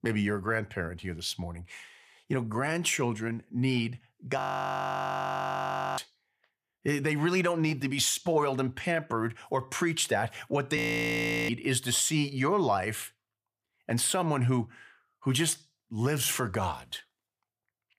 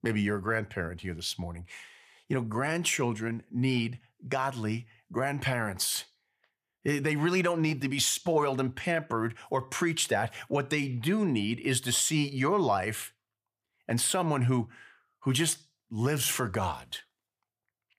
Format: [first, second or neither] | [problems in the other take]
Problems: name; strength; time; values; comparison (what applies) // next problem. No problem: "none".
second | audio freezing; at 4.5 s for 1.5 s and at 11 s for 0.5 s